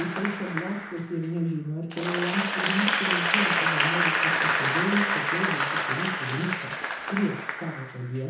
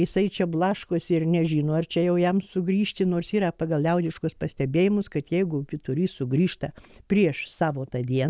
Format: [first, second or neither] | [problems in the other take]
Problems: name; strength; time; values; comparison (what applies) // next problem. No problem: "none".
second | background sound (Applause / Crowd); 3 dB above the speech // room echo; dies away in 0.6 s